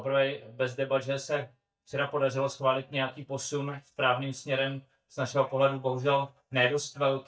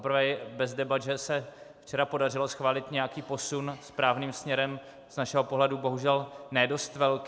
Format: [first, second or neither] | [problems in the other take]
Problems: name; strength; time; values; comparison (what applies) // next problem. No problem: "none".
second | noise reduction (neural mask model DeepFilterNet 3)